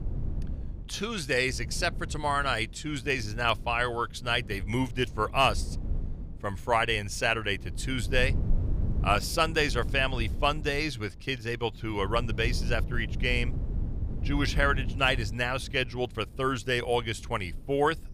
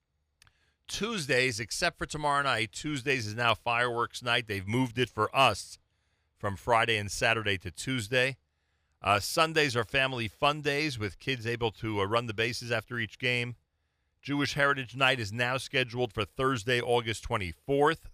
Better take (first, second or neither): second